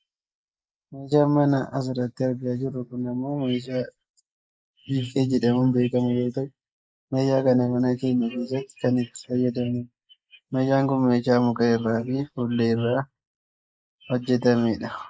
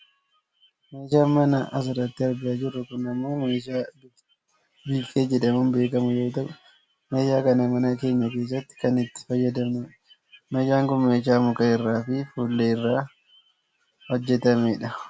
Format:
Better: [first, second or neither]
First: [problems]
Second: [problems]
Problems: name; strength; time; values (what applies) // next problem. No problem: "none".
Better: second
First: noise reduction (neural mask model Resemble Enhance denoiser)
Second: none